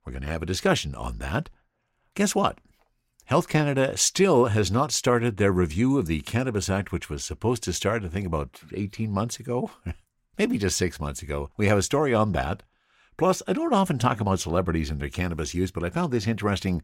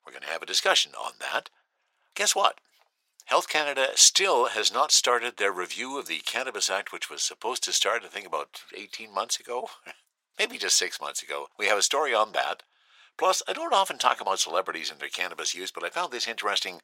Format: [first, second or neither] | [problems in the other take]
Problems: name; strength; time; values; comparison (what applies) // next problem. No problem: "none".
first | thin; very; fading below 600 Hz